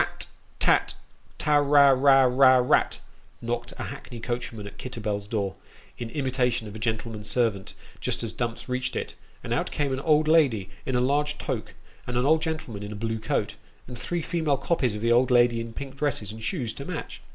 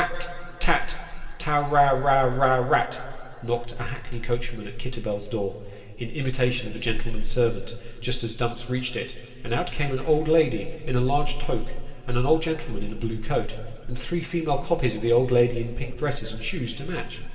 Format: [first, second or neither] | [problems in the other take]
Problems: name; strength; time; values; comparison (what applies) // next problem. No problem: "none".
first | room echo; dies away in 2.3 s